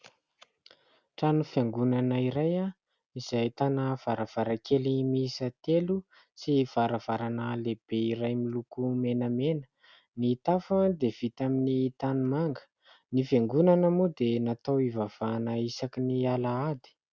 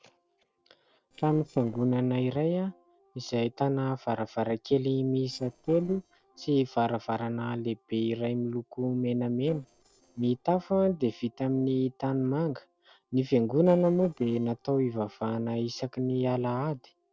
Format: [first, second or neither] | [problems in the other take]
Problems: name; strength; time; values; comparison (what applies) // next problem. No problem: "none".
first | noise reduction (neural separator model SepFormer DNS4)